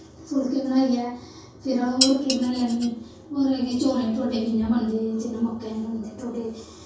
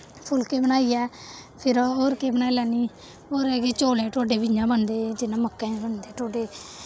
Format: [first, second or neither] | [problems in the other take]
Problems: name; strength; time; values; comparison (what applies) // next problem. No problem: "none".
second | background sound (Dishes, pots, and pans); 4 dB below the speech // room echo; dies away in 0.6 s